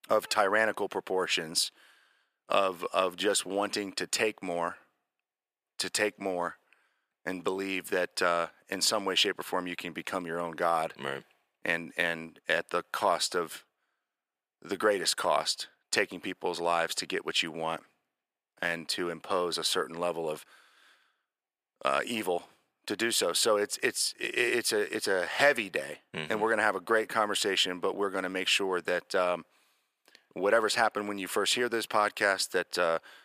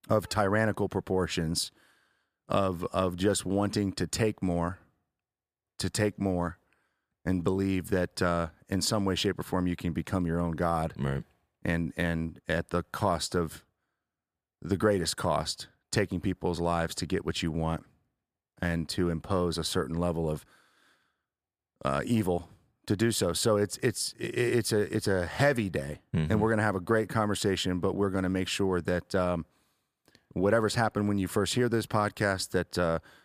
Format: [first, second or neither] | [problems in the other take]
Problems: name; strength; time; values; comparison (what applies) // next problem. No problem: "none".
second | thin; somewhat; fading below 450 Hz